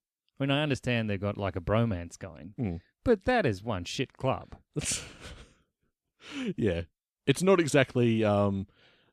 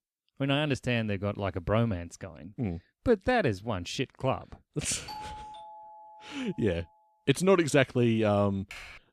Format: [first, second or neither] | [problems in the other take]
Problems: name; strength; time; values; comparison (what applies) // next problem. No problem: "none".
first | doorbell; faint; from 5 to 7 s; peak 15 dB below the speech // keyboard typing; faint; at 8.5 s; peak 15 dB below the speech